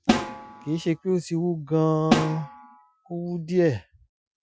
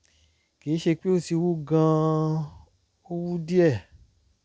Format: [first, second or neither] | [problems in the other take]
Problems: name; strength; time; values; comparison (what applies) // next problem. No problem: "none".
second | noise reduction (classical method Wiener filter)